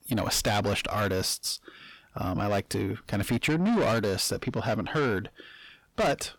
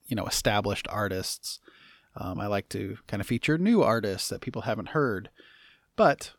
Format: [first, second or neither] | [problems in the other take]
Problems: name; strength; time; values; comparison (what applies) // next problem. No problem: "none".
second | distortion; heavy; 6 dB below the speech